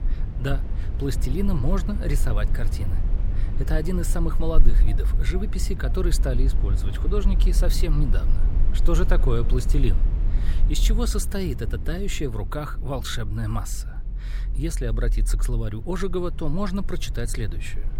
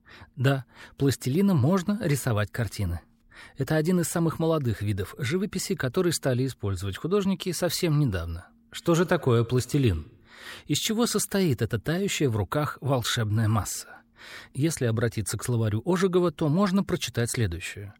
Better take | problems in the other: second | low rumble; noticeable; throughout; 10 dB below the speech

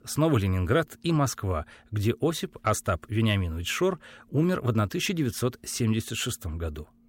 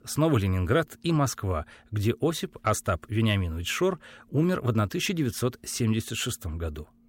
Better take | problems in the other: neither | none

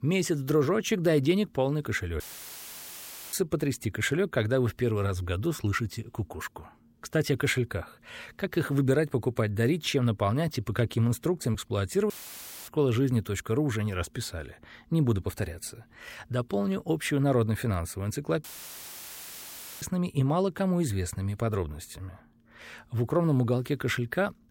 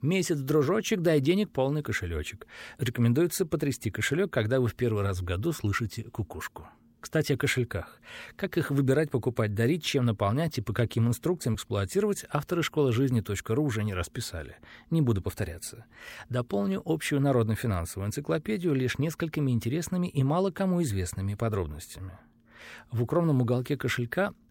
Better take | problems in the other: second | audio cutting out; filled with static; at 2 s for 1 s, at 12 s for 0.5 s and at 18 s for 1.5 s

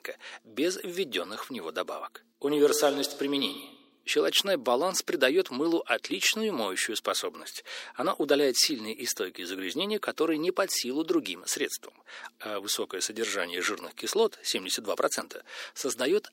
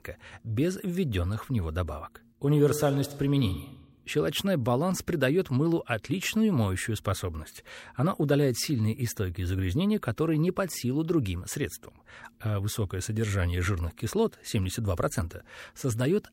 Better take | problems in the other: second | thin; somewhat; fading below 300 Hz

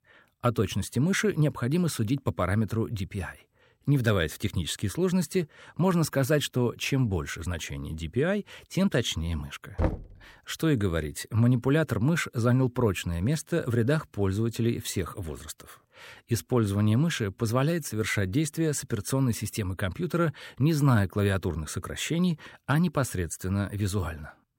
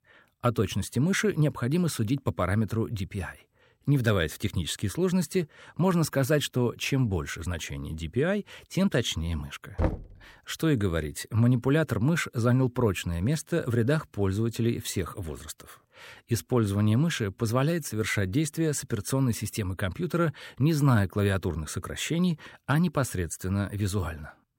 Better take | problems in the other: neither | door banging; noticeable; at 10 s; peak 3 dB below the speech; the same in both

